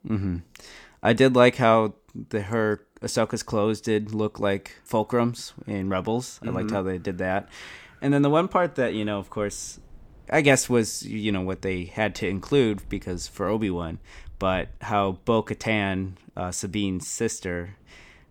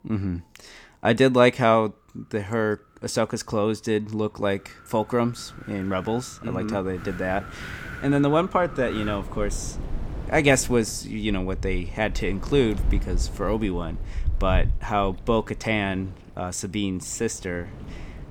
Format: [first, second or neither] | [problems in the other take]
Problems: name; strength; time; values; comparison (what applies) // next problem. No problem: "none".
first | wind in the background; loud; throughout; 10 dB below the speech; faint in the first